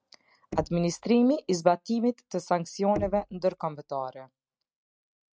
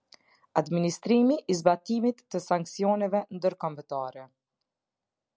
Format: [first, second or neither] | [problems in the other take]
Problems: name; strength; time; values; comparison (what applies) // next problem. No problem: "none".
second | noise reduction (neural mask model RNNoise)